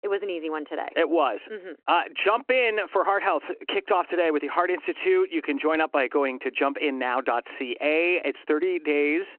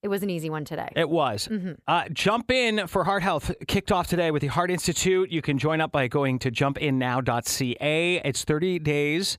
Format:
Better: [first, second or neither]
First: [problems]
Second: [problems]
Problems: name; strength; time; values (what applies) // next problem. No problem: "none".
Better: second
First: phone-call audio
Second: none